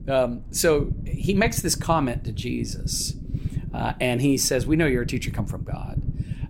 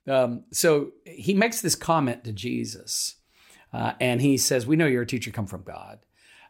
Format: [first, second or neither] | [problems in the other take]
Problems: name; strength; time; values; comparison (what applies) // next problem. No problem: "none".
second | low rumble; noticeable; throughout; 20 dB below the speech